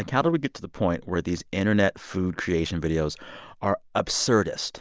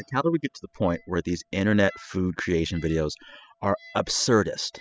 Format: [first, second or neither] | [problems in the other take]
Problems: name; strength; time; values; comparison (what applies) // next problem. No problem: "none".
first | noise reduction (classical method spectral subtraction)